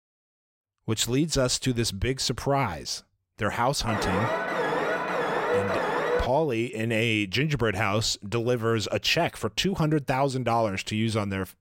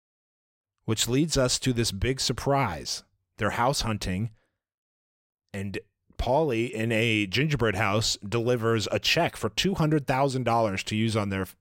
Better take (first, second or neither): second